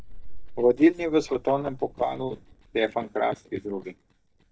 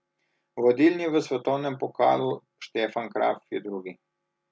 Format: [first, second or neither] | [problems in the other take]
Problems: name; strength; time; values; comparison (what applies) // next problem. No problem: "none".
second | noise reduction (neural mask model DeepFilterNet 3)